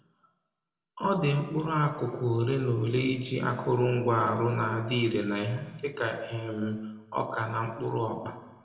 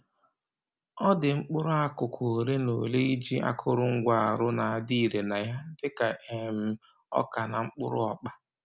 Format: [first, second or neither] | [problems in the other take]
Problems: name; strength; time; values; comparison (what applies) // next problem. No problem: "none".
second | room echo; dies away in 1.1 s